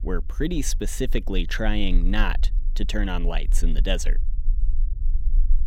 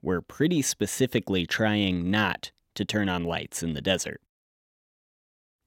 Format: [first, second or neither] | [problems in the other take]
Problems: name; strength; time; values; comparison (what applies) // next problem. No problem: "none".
second | low rumble; faint; throughout; 25 dB below the speech